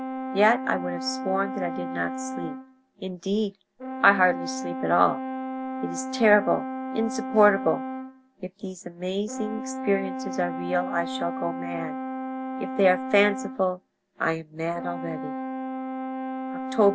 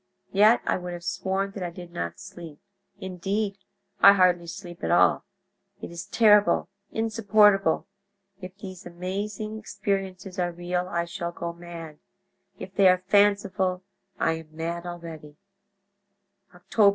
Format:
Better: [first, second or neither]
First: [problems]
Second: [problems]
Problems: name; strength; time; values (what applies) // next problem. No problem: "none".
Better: second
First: background sound (Brass instrument); 6 dB below the speech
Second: none